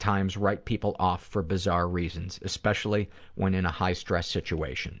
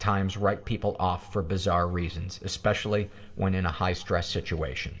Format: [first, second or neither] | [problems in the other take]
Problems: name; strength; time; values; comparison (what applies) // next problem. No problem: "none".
first | room echo; dies away in 2.5 s